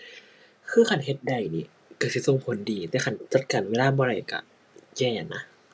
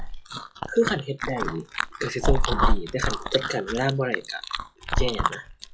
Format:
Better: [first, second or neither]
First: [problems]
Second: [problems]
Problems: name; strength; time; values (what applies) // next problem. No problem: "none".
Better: first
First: none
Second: noise reduction (classical method log-MMSE)